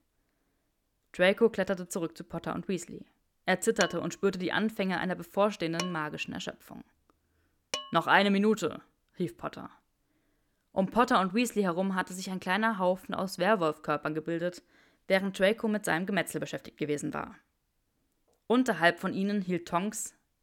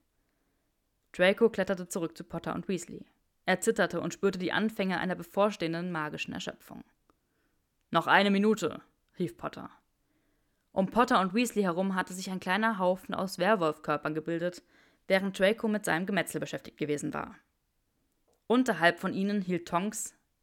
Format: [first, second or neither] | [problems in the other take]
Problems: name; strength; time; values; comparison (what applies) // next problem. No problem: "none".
second | clattering dishes; noticeable; from 4 to 8 s; peak 7 dB below the speech